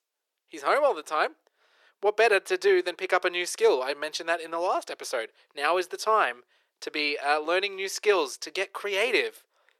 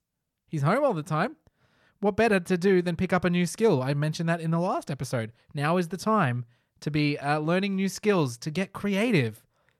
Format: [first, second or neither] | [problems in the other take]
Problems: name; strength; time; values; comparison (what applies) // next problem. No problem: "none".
second | thin; very; fading below 350 Hz